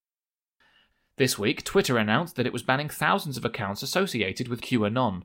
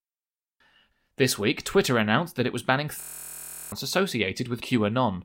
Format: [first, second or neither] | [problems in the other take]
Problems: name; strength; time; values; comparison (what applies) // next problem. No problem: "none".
first | audio freezing; at 3 s for 0.5 s